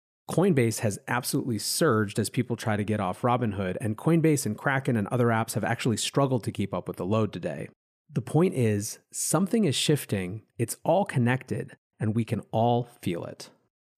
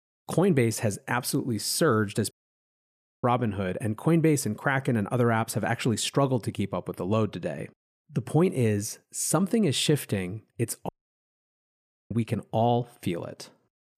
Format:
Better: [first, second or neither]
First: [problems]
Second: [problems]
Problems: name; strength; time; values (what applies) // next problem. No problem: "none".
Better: first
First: none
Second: audio cutting out; at 2.5 s for 1 s and at 11 s for 1 s